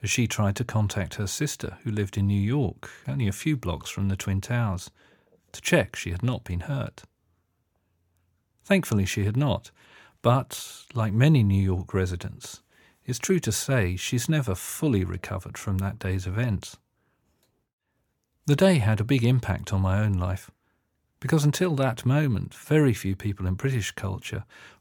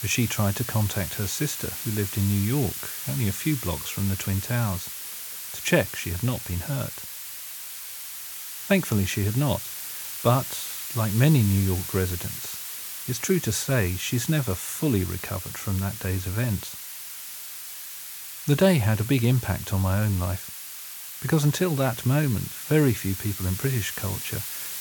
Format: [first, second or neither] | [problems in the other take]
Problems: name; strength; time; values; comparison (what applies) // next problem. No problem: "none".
first | hiss; loud; throughout; 7 dB below the speech